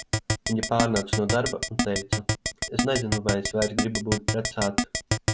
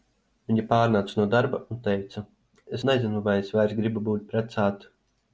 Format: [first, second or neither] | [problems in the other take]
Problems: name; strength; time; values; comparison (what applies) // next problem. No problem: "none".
second | background sound (Keyboard (musical)); 1 dB above the speech